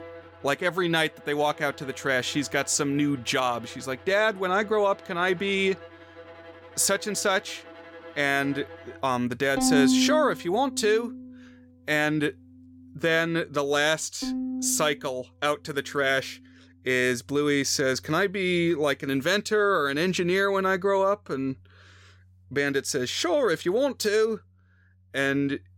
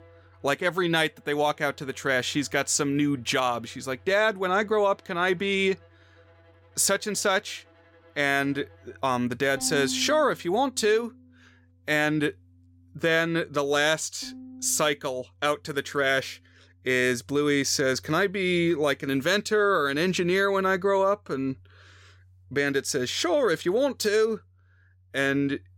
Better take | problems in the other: second | background music; loud; throughout; 8 dB below the speech; faint in the second

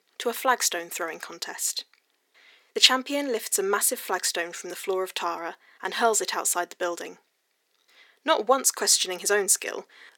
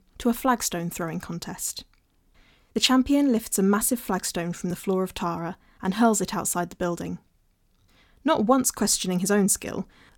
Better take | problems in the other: second | thin; very; fading below 400 Hz

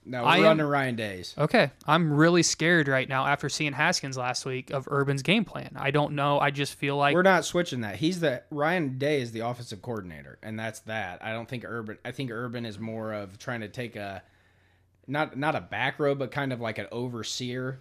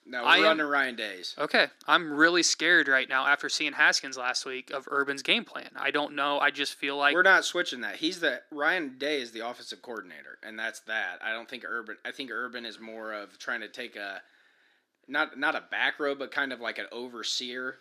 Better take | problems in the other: first | thin; somewhat; fading below 300 Hz

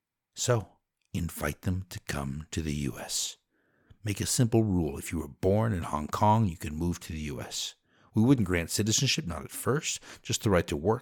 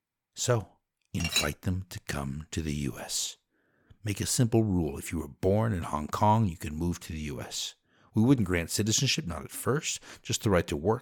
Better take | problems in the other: first | clattering dishes; loud; at 1 s; peak 1 dB above the speech

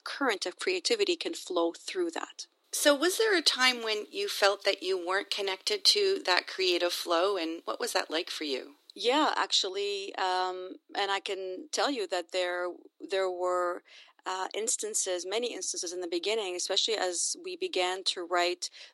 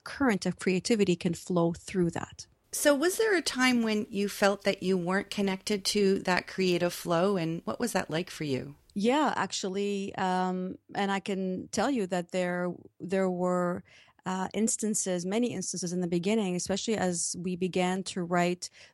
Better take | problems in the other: second | thin; very; fading below 300 Hz

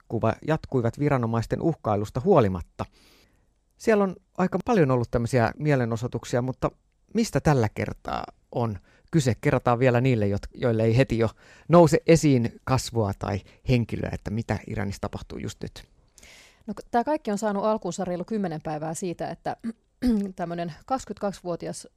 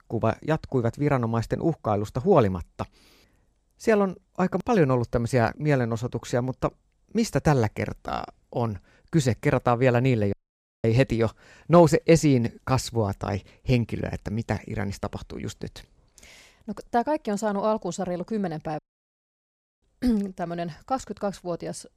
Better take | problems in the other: first | audio cutting out; at 10 s for 0.5 s and at 19 s for 1 s

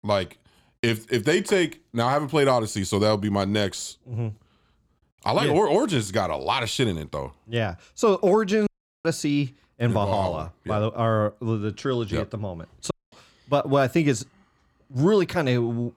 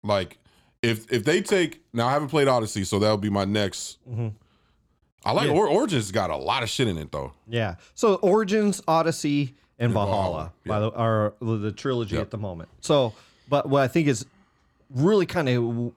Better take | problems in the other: second | audio cutting out; at 8.5 s and at 13 s

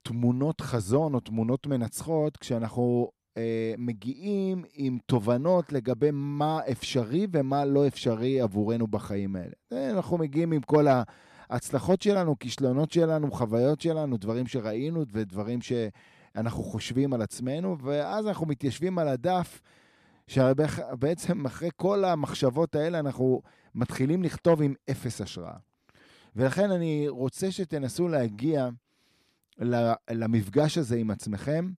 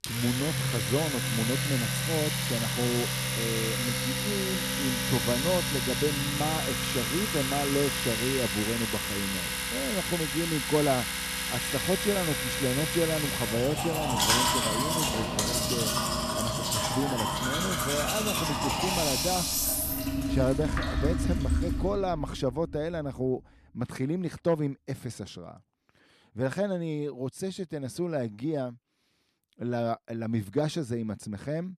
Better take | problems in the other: first | household noises; very loud; until 22 s; 3 dB above the speech

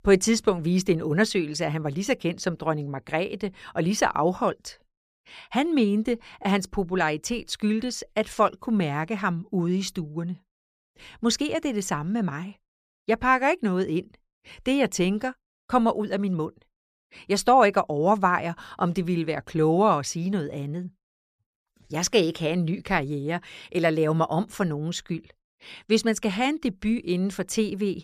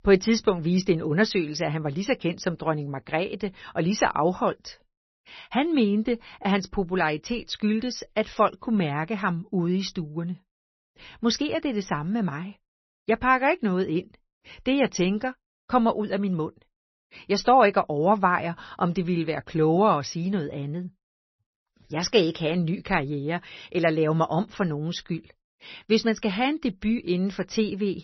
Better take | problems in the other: first | garbled, watery; slightly; nothing above 6 kHz

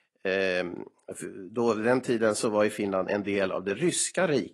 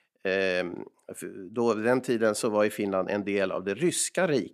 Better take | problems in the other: second | garbled, watery; slightly

